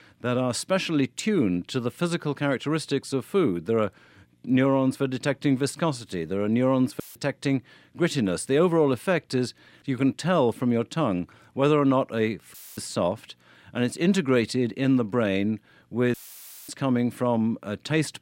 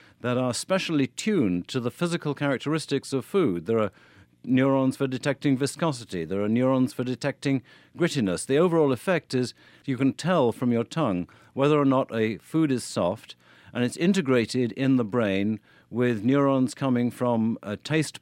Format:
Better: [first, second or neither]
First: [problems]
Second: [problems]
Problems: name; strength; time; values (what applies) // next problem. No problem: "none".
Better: second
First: audio cutting out; filled with static; at 7 s, at 13 s and at 16 s for 0.5 s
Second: none